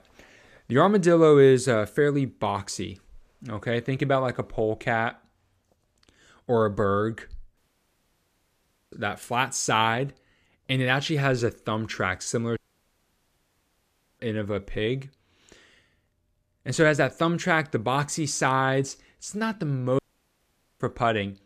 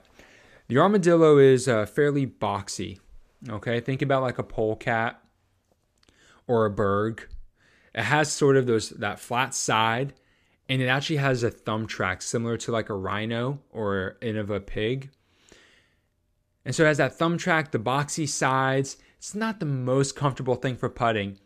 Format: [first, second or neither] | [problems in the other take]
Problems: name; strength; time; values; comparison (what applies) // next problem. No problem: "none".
second | audio cutting out; at 7.5 s for 1.5 s, at 13 s for 1.5 s and at 20 s for 1 s